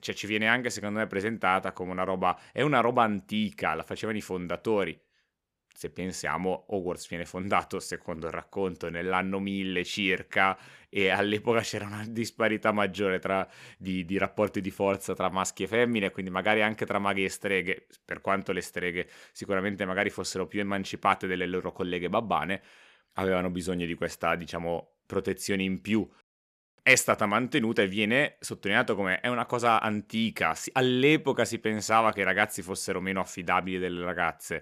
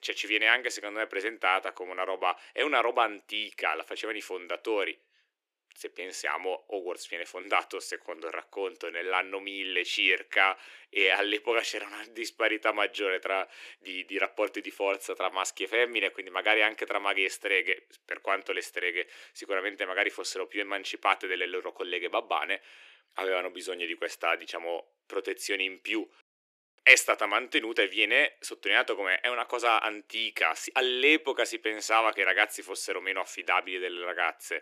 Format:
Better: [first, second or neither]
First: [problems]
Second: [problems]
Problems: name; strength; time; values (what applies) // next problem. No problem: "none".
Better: first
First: none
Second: thin; very; fading below 300 Hz